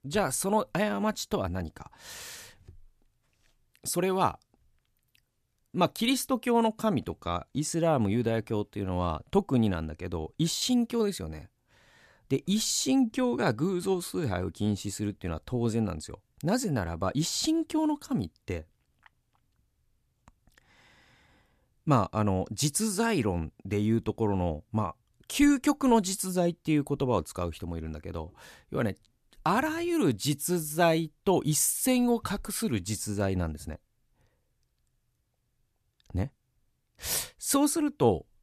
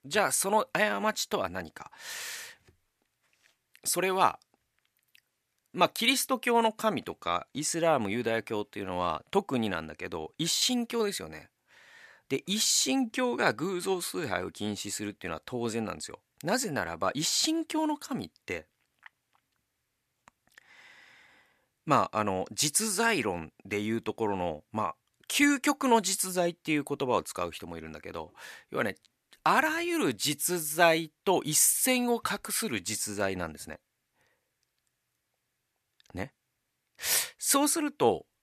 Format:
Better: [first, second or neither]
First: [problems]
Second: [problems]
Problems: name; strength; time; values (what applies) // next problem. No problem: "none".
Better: first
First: none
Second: thin; very slightly; fading below 1 kHz